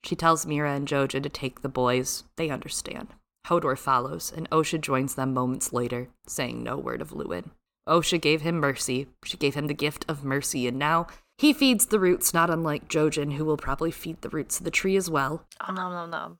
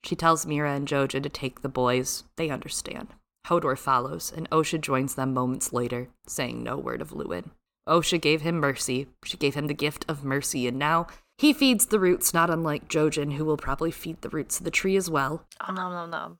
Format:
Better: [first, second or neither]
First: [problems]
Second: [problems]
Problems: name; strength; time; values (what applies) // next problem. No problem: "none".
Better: neither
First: none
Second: none